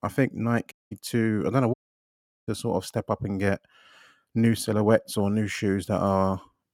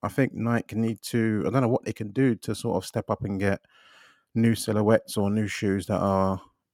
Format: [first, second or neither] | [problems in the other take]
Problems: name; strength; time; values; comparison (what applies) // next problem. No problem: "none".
second | audio cutting out; at 0.5 s and at 1.5 s for 0.5 s